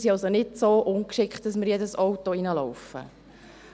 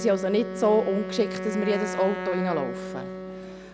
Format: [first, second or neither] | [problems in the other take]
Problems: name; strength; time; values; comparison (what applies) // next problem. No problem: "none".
first | background sound (Wind instrument, woodwind instrument); 7 dB below the speech